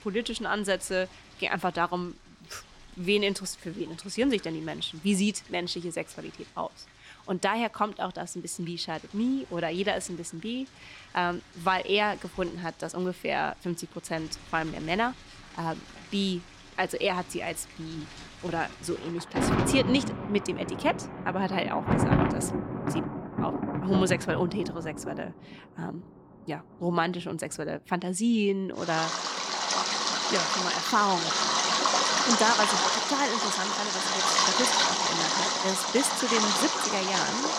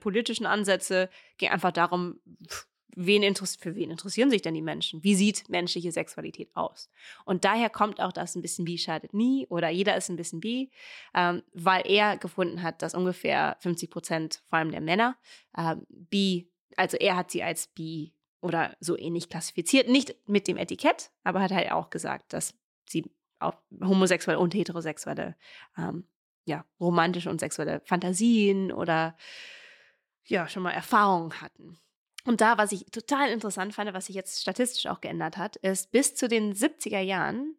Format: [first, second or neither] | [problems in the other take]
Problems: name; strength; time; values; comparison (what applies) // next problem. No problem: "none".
second | rain or running water; very loud; throughout; 3 dB above the speech